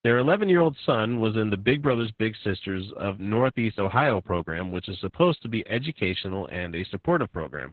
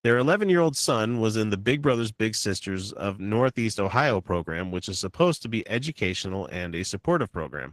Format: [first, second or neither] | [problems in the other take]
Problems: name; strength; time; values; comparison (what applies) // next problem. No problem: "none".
second | garbled, watery; badly; nothing above 4 kHz; slightly in the second